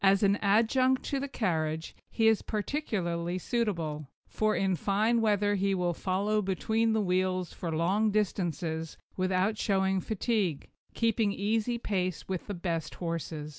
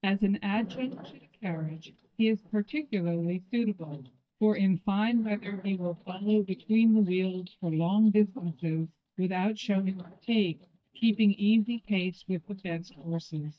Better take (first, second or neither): first